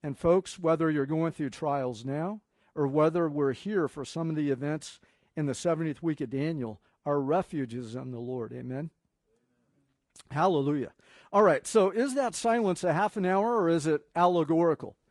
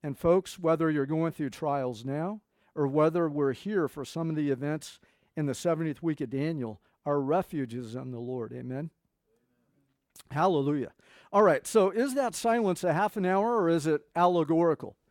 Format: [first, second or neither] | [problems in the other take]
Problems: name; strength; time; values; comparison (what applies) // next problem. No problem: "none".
second | garbled, watery; slightly; nothing above 10.5 kHz